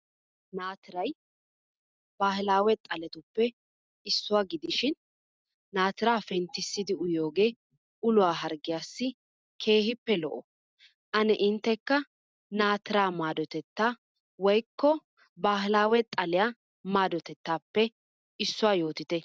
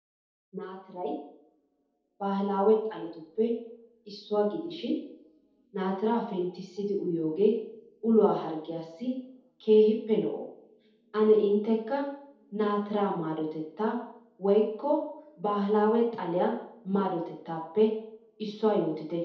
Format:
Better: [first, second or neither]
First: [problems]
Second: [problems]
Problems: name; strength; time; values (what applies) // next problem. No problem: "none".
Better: first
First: none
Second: room echo; dies away in 0.8 s